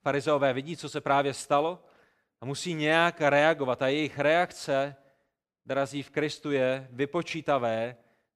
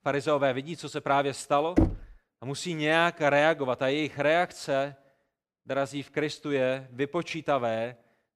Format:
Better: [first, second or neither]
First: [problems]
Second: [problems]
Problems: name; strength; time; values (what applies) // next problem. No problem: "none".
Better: first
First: none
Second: door banging; loud; at 2 s; peak 1 dB above the speech